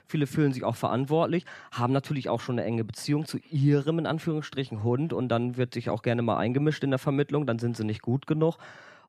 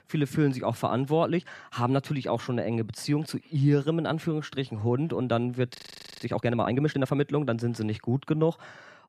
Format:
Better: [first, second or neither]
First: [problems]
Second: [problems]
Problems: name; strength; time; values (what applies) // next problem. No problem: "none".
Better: first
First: none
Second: audio freezing; at 6 s